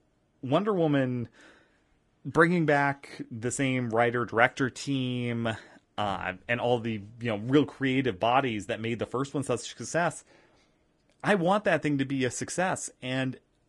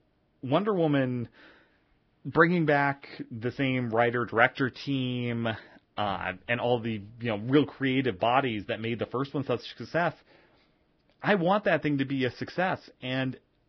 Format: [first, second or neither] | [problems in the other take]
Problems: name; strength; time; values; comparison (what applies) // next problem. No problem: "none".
first | garbled, watery; badly; nothing above 5.5 kHz; slightly in the first